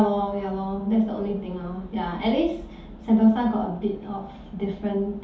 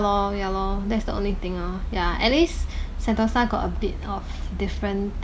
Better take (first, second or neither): second